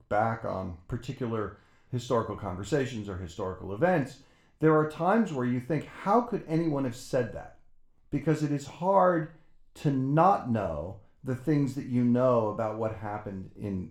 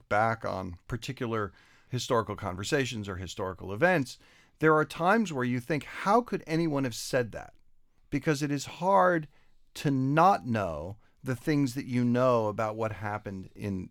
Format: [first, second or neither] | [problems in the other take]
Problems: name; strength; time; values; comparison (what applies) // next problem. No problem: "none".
second | room echo; very slight; dies away in 0.4 s